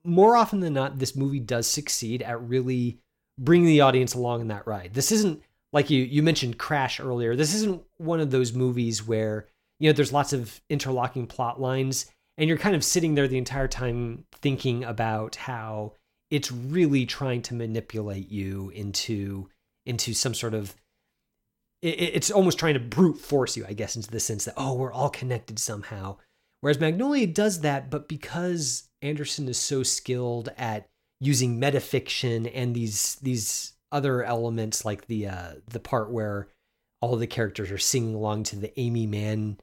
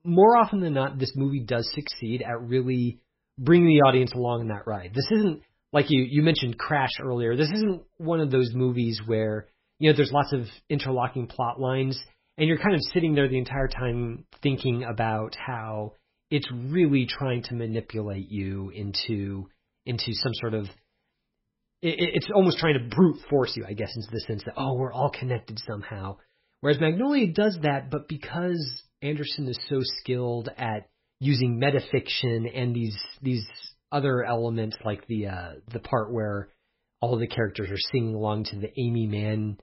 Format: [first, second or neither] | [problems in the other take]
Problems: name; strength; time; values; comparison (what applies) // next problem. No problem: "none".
first | garbled, watery; badly; nothing above 5.5 kHz